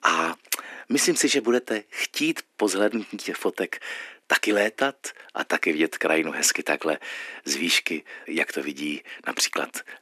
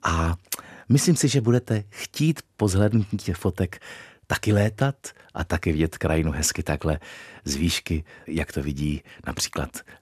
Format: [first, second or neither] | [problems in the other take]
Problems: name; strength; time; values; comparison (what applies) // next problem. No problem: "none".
second | thin; somewhat; fading below 250 Hz